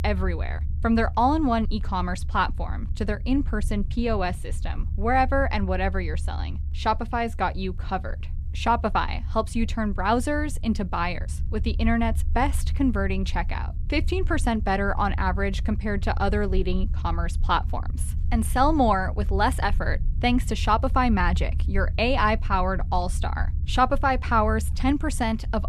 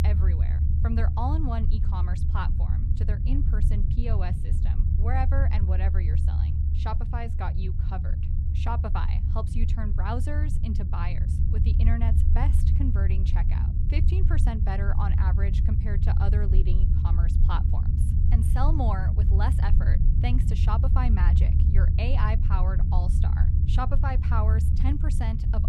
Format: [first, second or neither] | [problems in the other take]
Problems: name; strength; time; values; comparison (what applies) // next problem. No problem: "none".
first | low rumble; loud; throughout; 5 dB below the speech; faint in the first